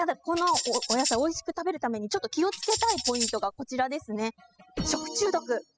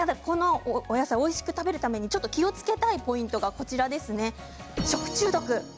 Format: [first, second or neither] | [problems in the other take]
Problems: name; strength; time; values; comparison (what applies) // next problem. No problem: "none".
second | noise reduction (classical method spectral subtraction)